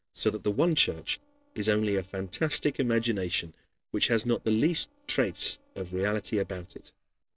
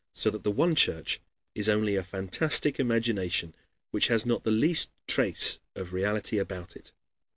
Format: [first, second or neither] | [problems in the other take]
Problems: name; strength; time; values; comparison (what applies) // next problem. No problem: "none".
second | noise reduction (neural separator model SepFormer DNS4)